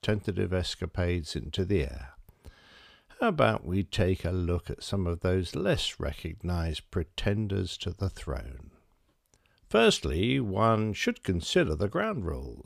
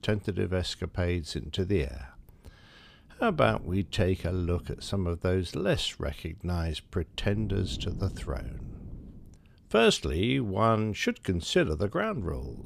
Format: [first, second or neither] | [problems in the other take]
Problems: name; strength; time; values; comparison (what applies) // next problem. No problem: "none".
first | wind noise on the microphone; occasional gusts; 25 dB below the speech